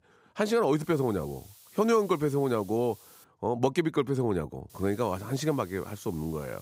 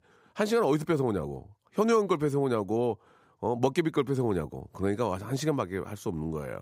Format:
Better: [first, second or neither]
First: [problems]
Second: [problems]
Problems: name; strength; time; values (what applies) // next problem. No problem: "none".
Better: second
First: hiss; faint; from 1 to 3 s and from 4.5 s on; 25 dB below the speech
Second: none